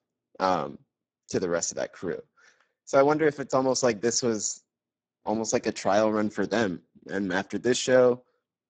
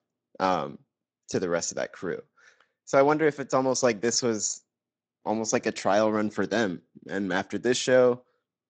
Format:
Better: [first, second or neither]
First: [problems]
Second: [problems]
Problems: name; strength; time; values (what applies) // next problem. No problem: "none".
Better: second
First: garbled, watery; badly; nothing above 7.5 kHz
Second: garbled, watery; slightly; nothing above 7.5 kHz